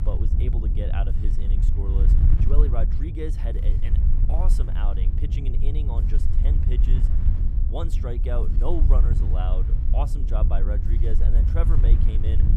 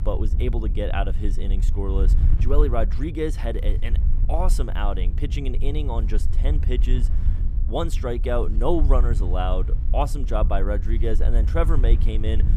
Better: second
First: wind noise on the microphone; heavy; 4 dB below the speech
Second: wind noise on the microphone; occasional gusts; 15 dB below the speech

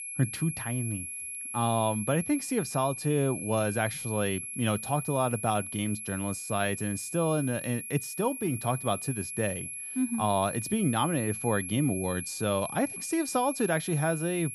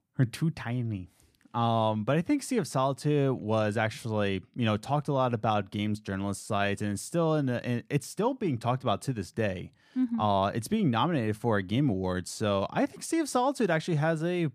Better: second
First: high-pitched whine; loud; throughout; 11 kHz, 6 dB below the speech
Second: none

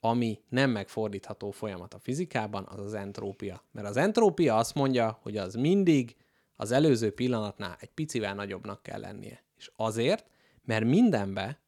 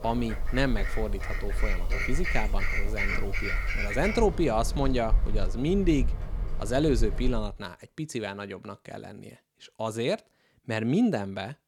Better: first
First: none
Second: animal sounds; loud; until 7.5 s; 3 dB below the speech

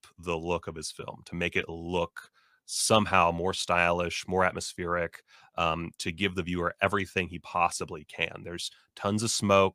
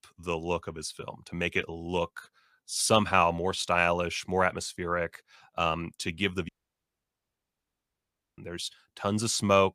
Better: first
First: none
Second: audio cutting out; at 6.5 s for 2 s

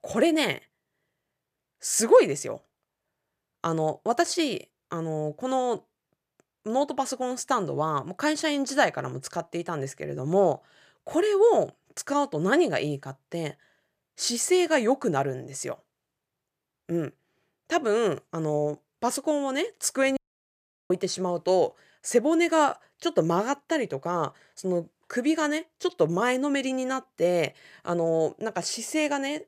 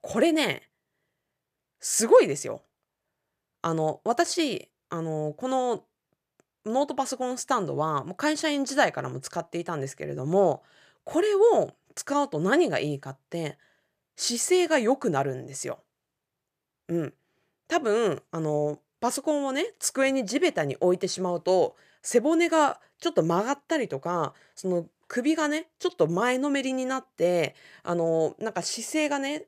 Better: second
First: audio cutting out; at 20 s for 0.5 s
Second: none

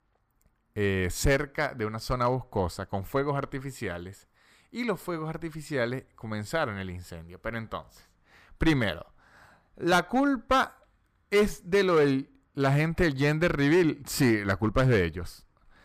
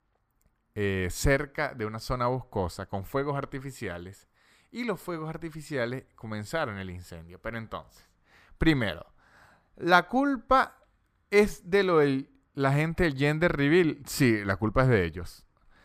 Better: second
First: distortion; slight; 3% of the sound clipped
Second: none

